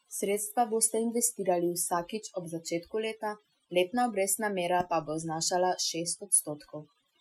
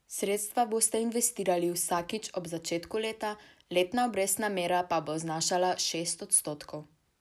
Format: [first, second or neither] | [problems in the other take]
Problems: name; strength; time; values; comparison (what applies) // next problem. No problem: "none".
second | noise reduction (classical method Wiener filter)